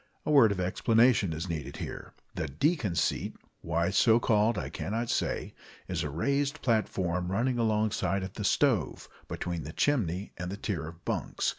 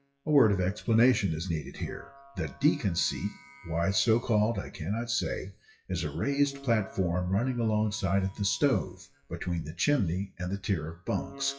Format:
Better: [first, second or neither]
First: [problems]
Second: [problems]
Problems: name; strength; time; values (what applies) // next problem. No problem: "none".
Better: first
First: none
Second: noise reduction (classical method WPE with log-MMSE)